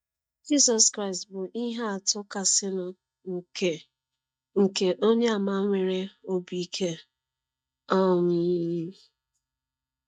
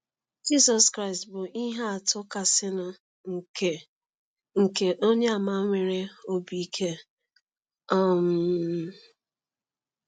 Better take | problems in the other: second | noise reduction (neural mask model DeepFilterNet 3)

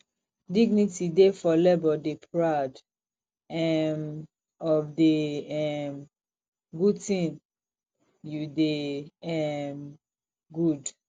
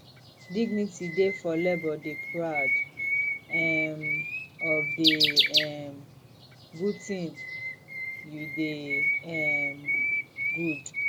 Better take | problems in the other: first | background sound (Bird); 3 dB above the speech

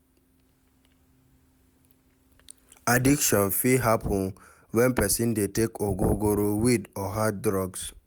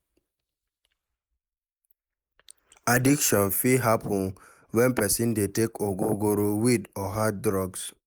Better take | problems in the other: first | noise reduction (neural mask model Resemble Enhance denoiser)

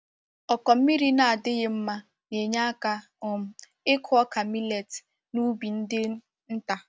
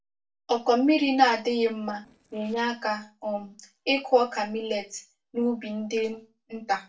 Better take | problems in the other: first | noise reduction (neural separator model SepFormer DNS4)

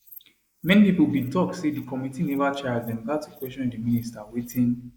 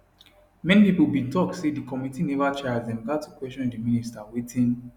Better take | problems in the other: second | noise reduction (neural mask model Resemble Enhance denoiser)

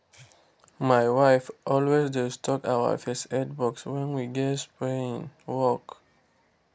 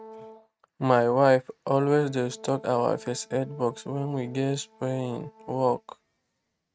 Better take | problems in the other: first | noise reduction (neural mask model RNNoise)

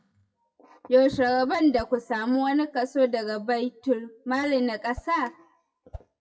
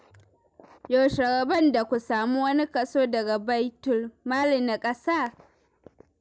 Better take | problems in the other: second | noise reduction (classical method WPE with log-MMSE)

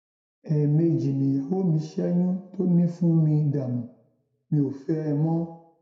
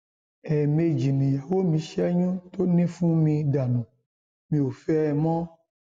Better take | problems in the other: second | room echo; dies away in 0.5 s

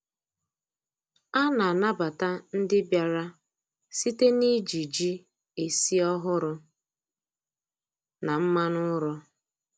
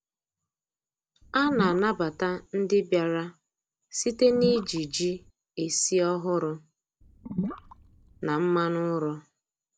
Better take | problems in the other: first | background sound (Gurgling / Liquid); 8 dB below the speech

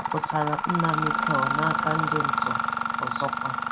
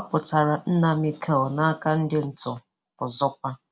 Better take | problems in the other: second | background sound (Mechanisms); 4 dB above the speech

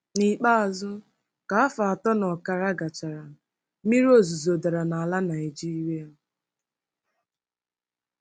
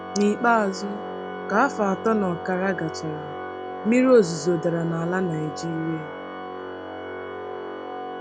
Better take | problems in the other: first | background sound (Organ); 9 dB below the speech

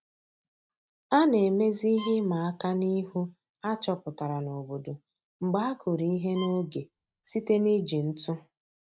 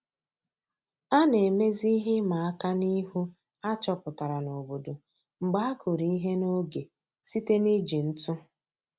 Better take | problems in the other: second | noise reduction (neural mask model RNNoise)

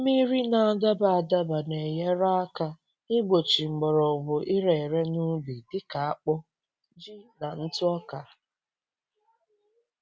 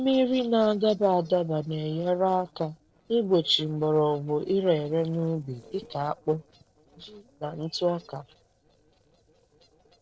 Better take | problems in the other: first | noise reduction (neural separator model SepFormer DNS4)

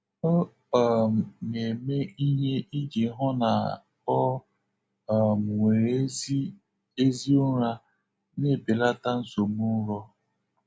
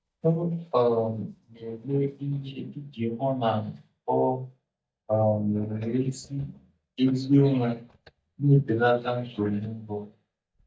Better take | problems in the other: first | noise reduction (neural mask model DeepFilterNet 3)

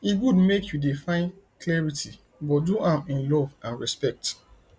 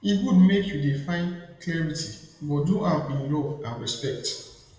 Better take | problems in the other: first | room echo; dies away in 0.9 s

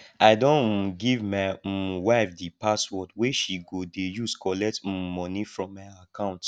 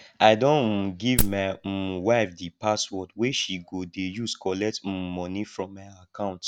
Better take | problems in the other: first | background sound (Wood); as loud as the speech

